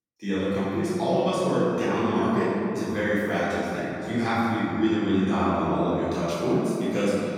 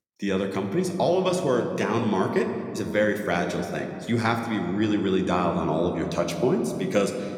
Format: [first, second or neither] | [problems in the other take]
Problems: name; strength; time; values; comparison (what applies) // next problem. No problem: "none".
second | room echo; strong; dies away in 2.8 s; slight in the second // off-mic speech; far